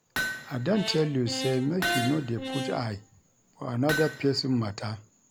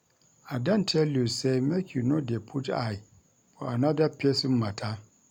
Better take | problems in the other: second | background sound (Brass instrument + Hammer); 6 dB below the speech

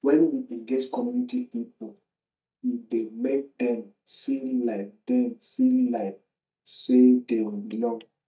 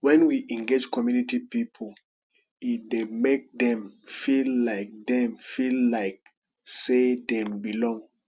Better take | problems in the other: second | noise reduction (neural mask model DeepFilterNet 3)

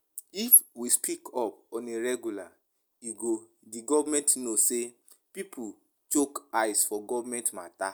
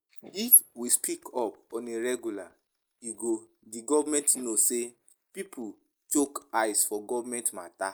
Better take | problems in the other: first | noise reduction (neural mask model Resemble Enhance denoiser)

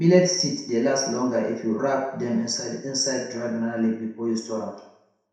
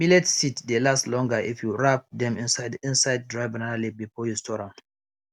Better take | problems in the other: second | room echo; dies away in 0.7 s

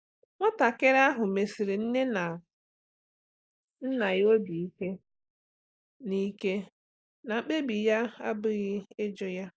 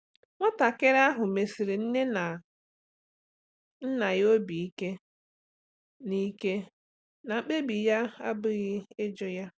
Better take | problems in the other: second | noise reduction (neural mask model Resemble Enhance denoiser)

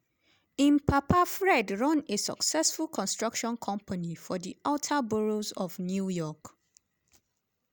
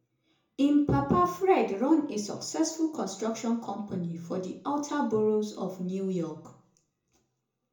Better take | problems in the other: first | room echo; dies away in 0.6 s

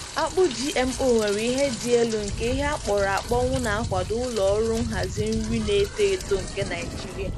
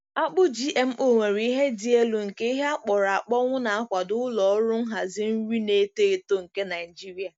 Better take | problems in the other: second | background sound (Rain); 7 dB below the speech

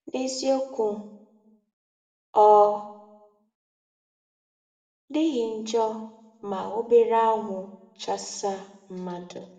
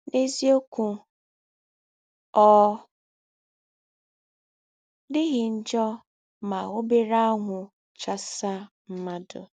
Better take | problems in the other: second | room echo; dies away in 0.7 s

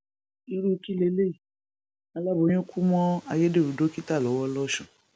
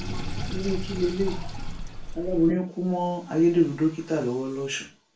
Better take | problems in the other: first | background sound (Sink (filling or washing)); 7 dB below the speech // room echo; dies away in 0.3 s

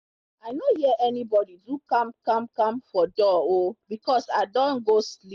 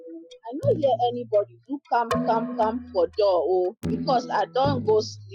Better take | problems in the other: first | noise reduction (classical method Wiener filter)

